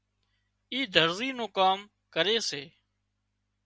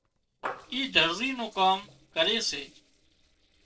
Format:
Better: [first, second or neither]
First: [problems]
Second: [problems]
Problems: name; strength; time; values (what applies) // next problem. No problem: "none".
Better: first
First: none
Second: noise reduction (neural separator model SepFormer DNS4)